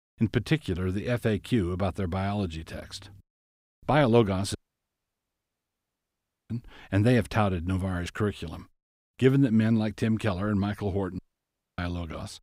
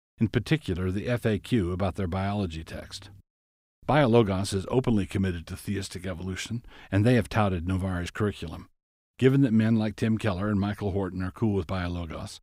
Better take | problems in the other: second | audio cutting out; at 4.5 s for 2 s and at 11 s for 0.5 s

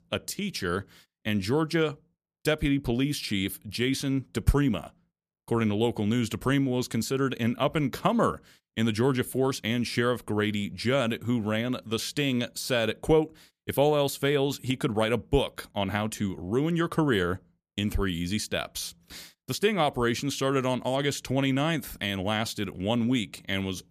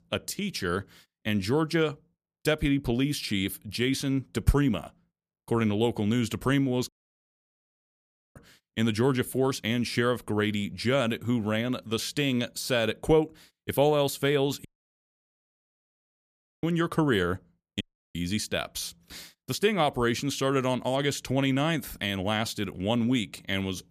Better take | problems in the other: first | audio cutting out; at 7 s for 1.5 s, at 15 s for 2 s and at 18 s

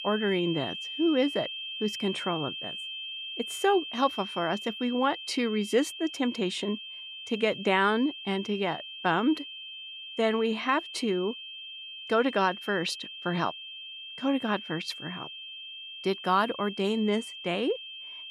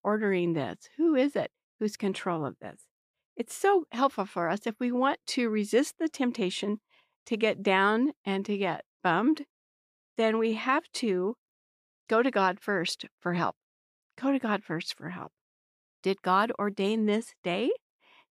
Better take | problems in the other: second | high-pitched whine; loud; throughout; 3 kHz, 9 dB below the speech

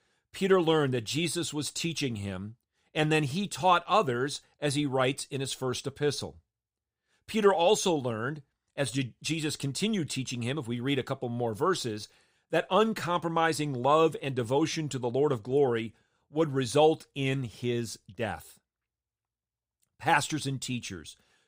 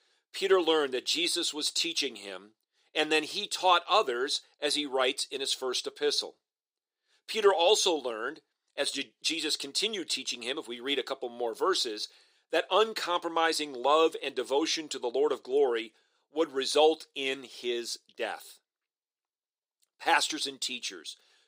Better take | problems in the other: first | thin; somewhat; fading below 350 Hz

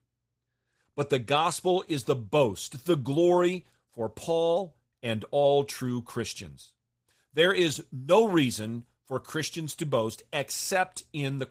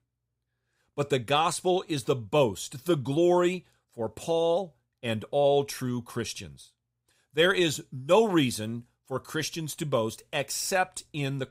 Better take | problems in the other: second | garbled, watery; slightly; nothing above 15.5 kHz

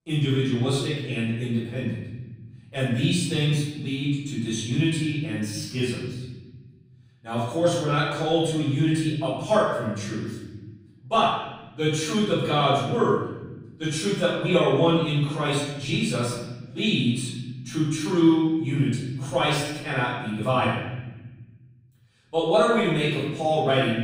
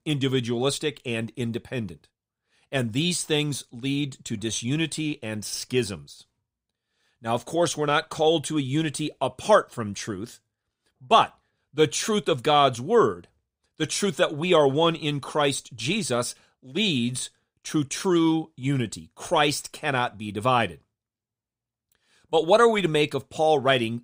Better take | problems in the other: second | off-mic speech; far // room echo; strong; dies away in 1.5 s

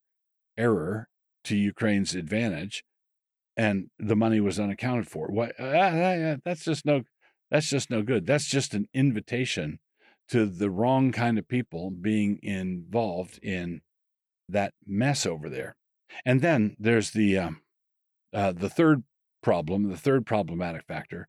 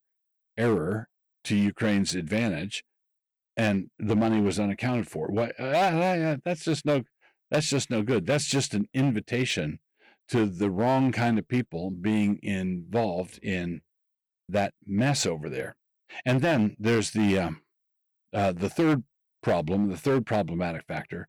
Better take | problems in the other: first | distortion; slight; 6% of the sound clipped

